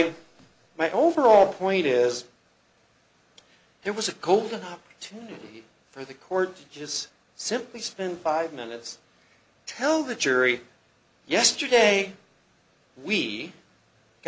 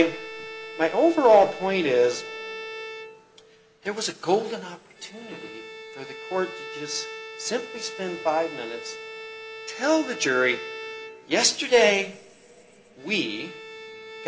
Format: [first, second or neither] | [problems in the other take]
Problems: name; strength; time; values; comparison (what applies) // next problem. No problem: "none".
first | background sound (Bowed string instrument); 13 dB below the speech // room echo; dies away in 2.4 s